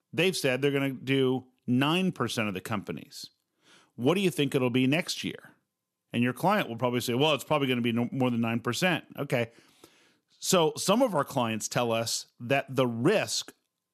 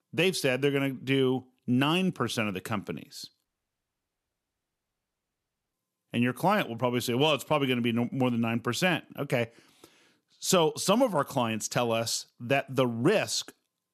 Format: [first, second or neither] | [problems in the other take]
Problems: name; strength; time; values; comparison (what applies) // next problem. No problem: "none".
first | audio cutting out; at 3.5 s for 2.5 s